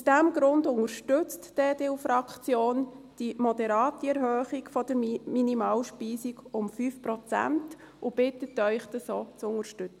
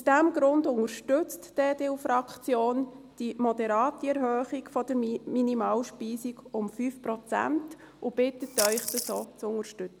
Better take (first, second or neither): first